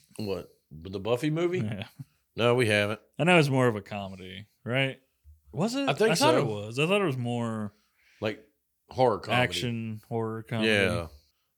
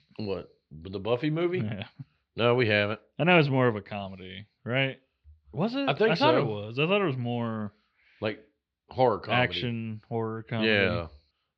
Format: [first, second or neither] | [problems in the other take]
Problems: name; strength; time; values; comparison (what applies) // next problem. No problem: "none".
first | muffled; very slightly; fading above 4 kHz